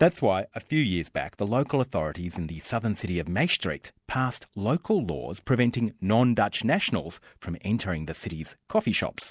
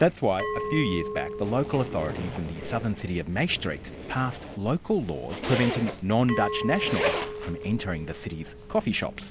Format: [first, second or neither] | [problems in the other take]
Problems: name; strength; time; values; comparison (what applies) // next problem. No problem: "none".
first | background sound (Zipper (clothing) + Glass); 6 dB below the speech